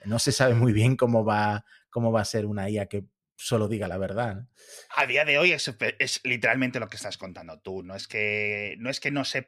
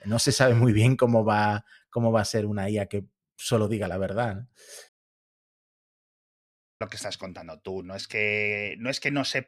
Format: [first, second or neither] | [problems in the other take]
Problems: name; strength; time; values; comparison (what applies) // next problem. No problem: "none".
first | audio cutting out; at 5 s for 2 s